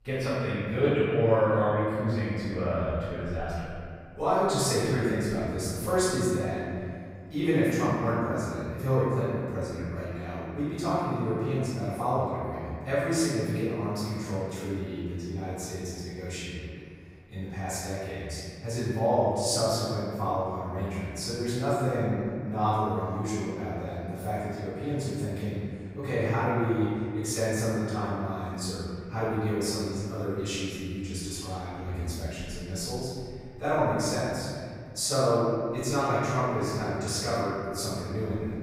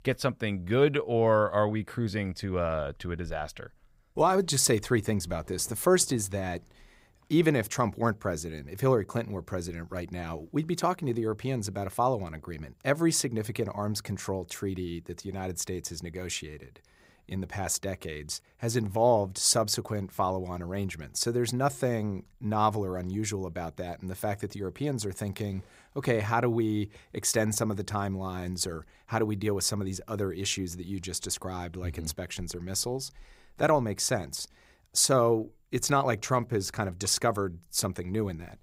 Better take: second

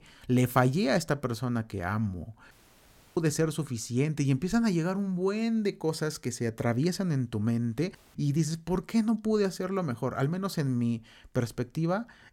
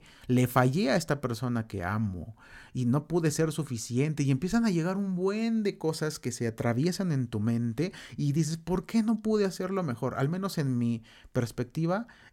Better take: second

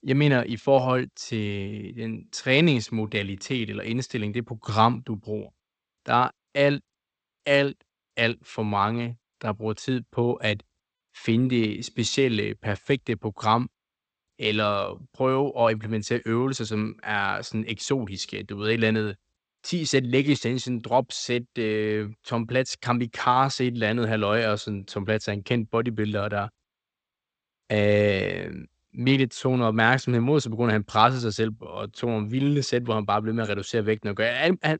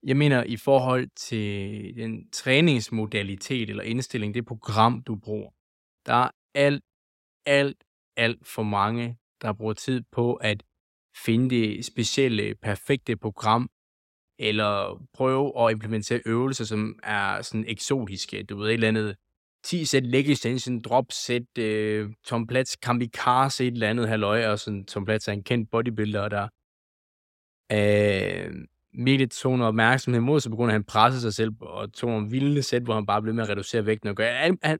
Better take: second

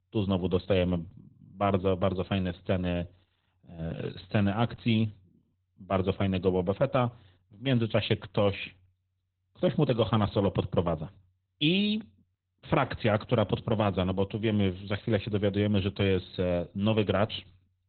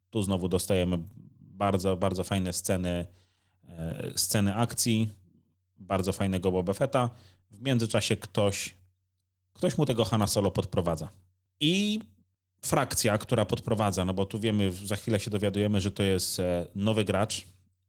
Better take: second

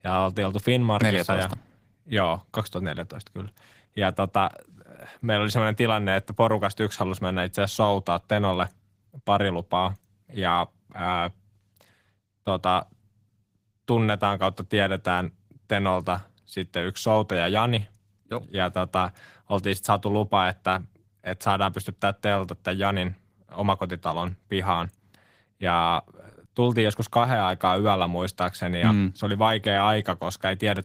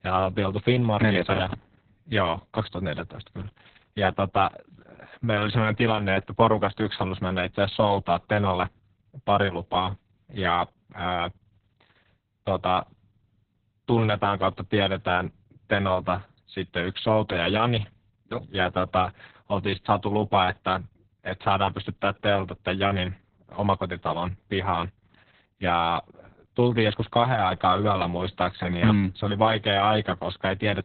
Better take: first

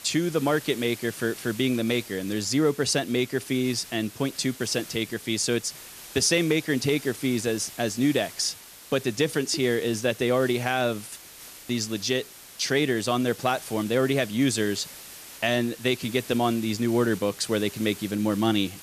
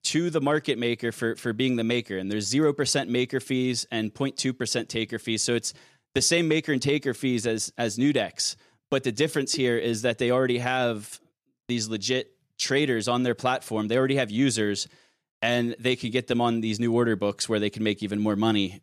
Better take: second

